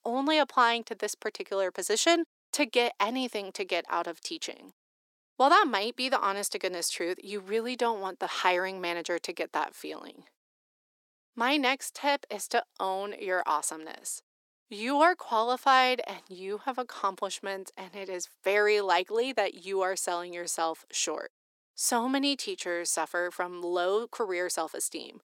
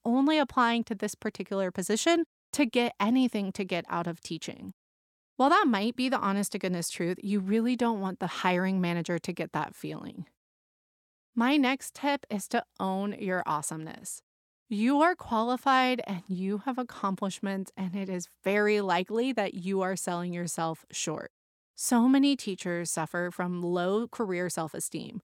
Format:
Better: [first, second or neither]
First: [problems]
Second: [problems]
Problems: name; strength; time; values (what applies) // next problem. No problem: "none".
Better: second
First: thin; somewhat; fading below 350 Hz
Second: none